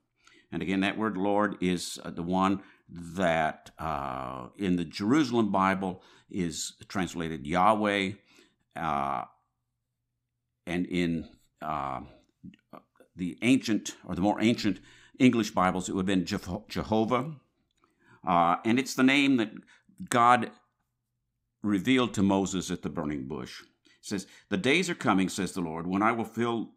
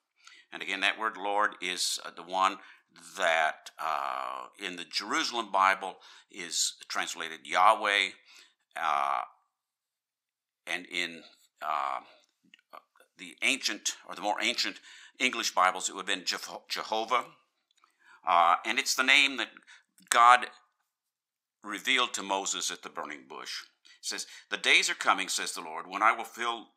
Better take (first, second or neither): first